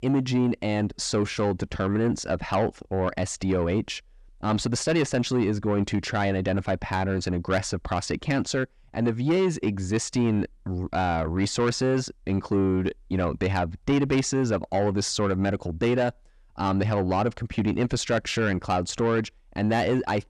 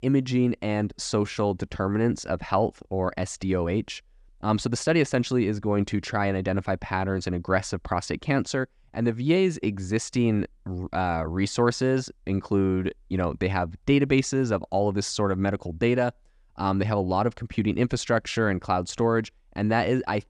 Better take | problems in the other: second | distortion; slight; 10 dB below the speech

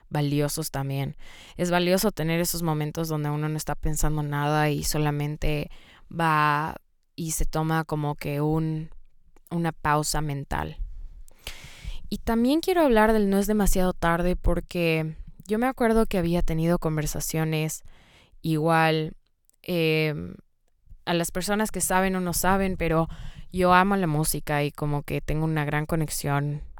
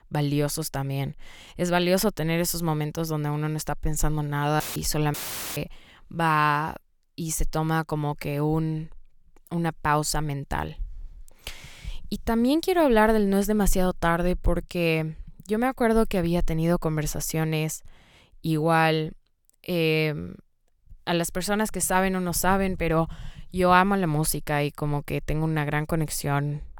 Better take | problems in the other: first | audio cutting out; filled with static; at 4.5 s and at 5 s

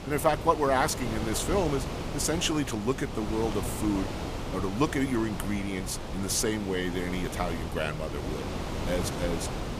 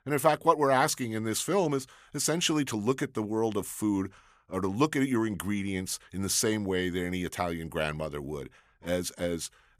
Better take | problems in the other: second | wind noise on the microphone; heavy; 7 dB below the speech

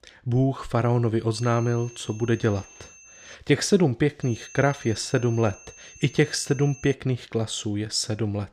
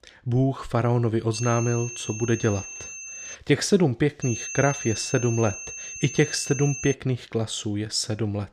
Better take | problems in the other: first | high-pitched whine; loud; from 1.5 to 3.5 s and from 4 to 7 s; 6.5 kHz, 9 dB below the speech; faint in the first

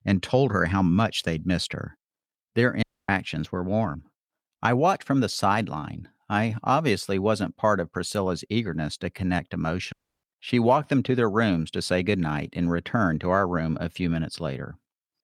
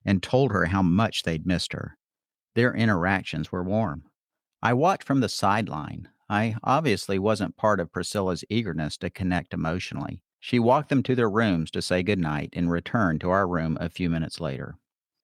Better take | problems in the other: second | audio cutting out; at 3 s and at 10 s

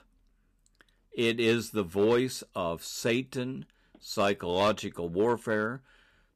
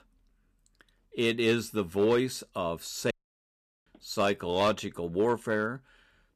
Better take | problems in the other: first | audio cutting out; at 3 s for 1 s

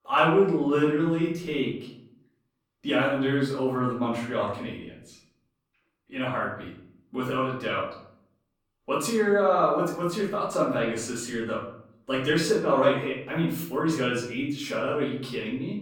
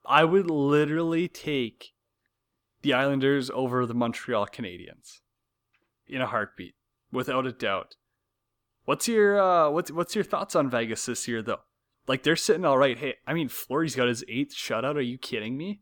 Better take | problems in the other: second | off-mic speech; far // room echo; noticeable; dies away in 0.6 s

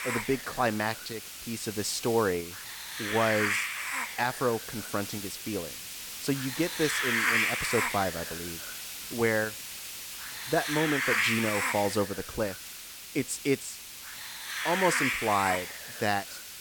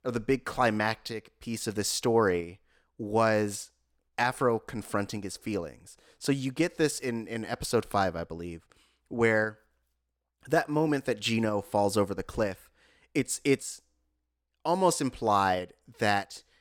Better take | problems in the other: second | hiss; loud; throughout; 2 dB below the speech

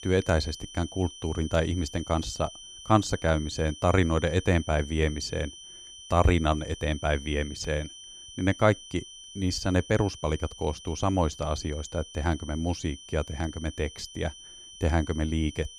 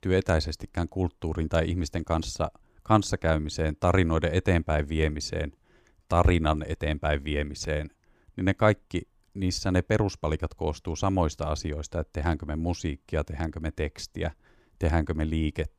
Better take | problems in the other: second | high-pitched whine; noticeable; throughout; 3 kHz, 15 dB below the speech

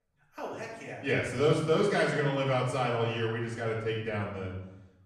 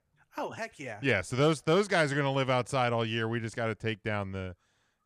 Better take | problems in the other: second | room echo; noticeable; dies away in 0.9 s // off-mic speech; far

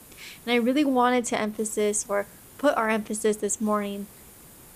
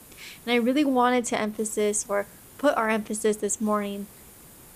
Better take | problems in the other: neither | hiss; faint; throughout; 25 dB below the speech; the same in both

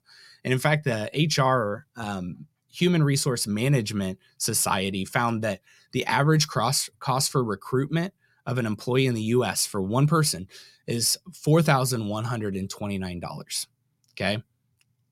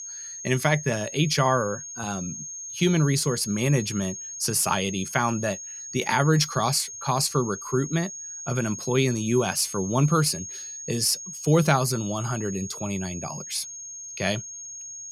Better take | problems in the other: first | high-pitched whine; loud; throughout; 6.5 kHz, 10 dB below the speech

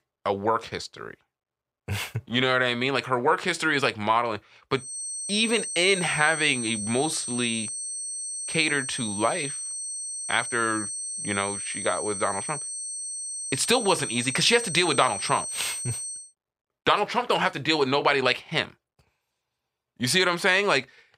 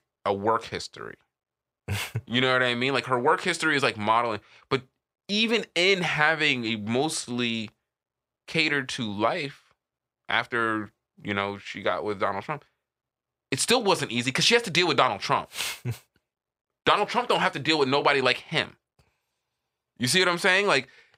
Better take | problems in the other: second | high-pitched whine; loud; from 5 to 16 s; 8.5 kHz, 6 dB below the speech

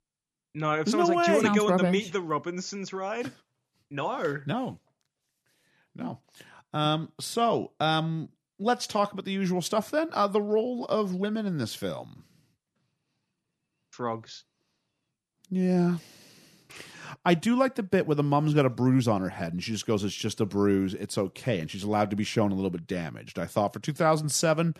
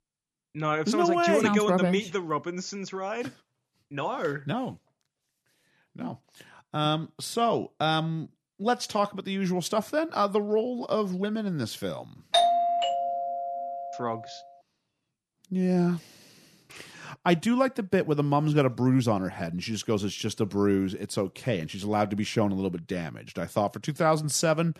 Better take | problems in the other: first | doorbell; loud; from 12 to 14 s; peak 5 dB above the speech

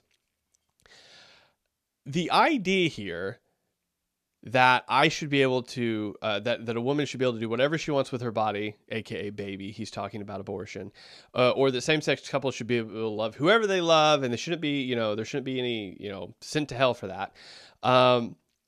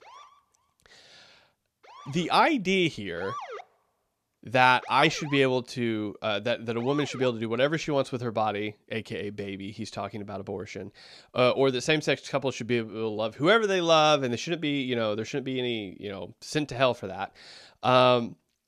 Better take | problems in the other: first | siren; faint; until 7.5 s; peak 10 dB below the speech

